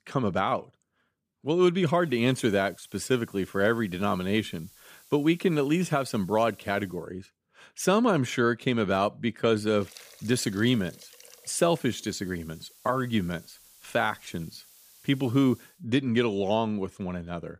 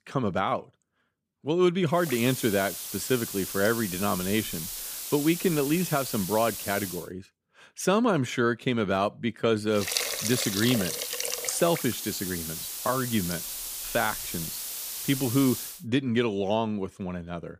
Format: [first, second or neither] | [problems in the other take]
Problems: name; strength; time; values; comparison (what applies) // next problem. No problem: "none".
first | hiss; loud; from 2 to 7 s and from 10 to 16 s; 5 dB below the speech; faint in the first